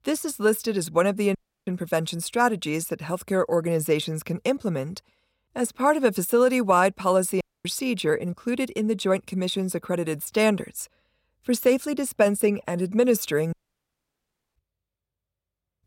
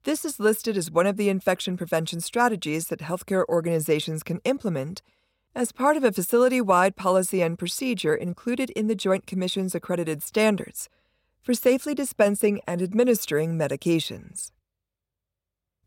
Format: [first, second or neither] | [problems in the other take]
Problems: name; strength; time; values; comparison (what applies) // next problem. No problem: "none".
second | audio cutting out; at 1.5 s, at 7.5 s and at 14 s for 1 s